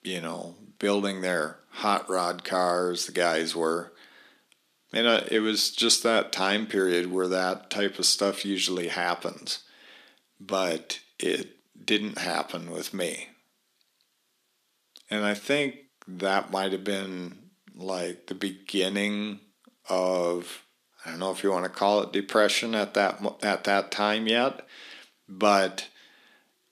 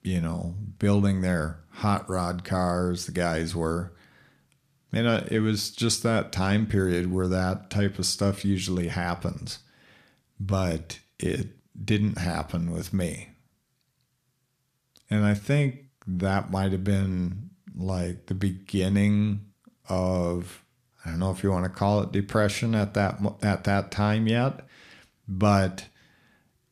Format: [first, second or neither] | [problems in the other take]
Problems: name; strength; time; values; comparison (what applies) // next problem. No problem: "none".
second | thin; somewhat; fading below 300 Hz